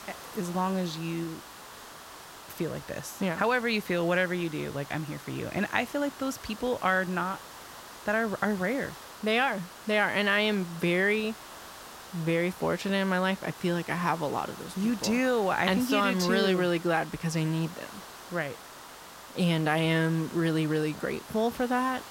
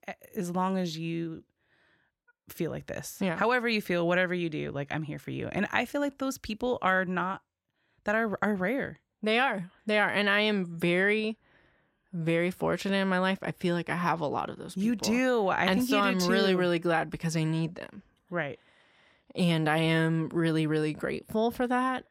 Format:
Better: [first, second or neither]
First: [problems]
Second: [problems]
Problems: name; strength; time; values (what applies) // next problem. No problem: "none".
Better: second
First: hiss; noticeable; throughout; 15 dB below the speech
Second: none